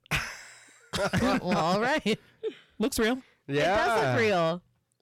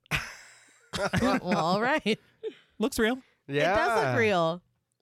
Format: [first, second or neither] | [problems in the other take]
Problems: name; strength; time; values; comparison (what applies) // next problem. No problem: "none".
second | distortion; slight; 10 dB below the speech